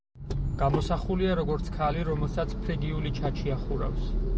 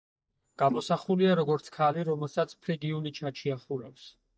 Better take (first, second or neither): first